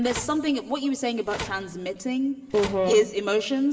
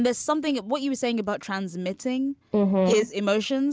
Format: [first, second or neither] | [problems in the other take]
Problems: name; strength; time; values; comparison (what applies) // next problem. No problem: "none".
second | background sound (Telephone); 15 dB below the speech // room echo; dies away in 2.3 s